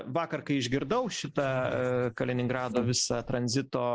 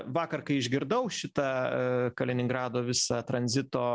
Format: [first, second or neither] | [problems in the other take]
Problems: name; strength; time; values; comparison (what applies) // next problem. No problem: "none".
second | noise reduction (neural mask model Resemble Enhance denoiser)